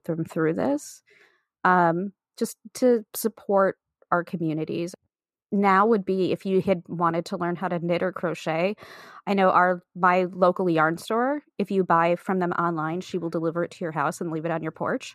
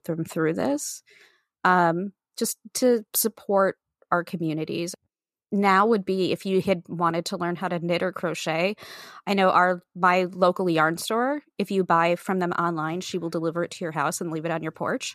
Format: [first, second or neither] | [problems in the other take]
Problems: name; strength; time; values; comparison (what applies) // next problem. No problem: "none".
second | muffled; slightly; fading above 2.5 kHz